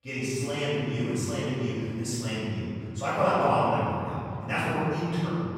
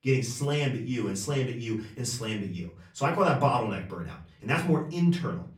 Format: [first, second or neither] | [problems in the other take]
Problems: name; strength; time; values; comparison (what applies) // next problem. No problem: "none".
second | room echo; strong; dies away in 3 s; slight in the second // off-mic speech; far; far in the second